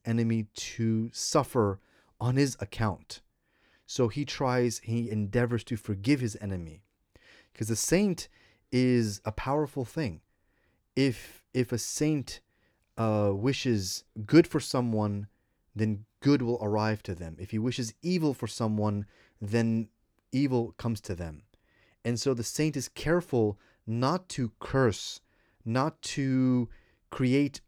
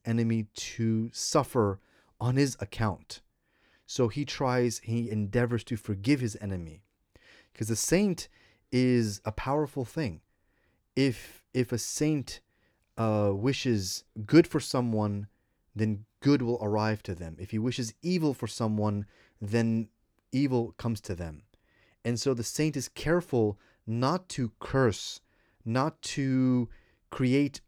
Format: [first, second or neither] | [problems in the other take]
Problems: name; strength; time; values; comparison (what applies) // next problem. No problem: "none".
neither | none